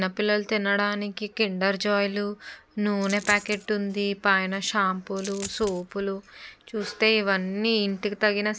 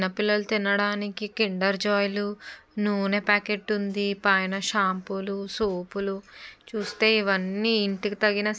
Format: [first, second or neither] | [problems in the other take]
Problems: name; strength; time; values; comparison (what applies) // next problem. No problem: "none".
second | background sound (Coin (dropping)); 14 dB below the speech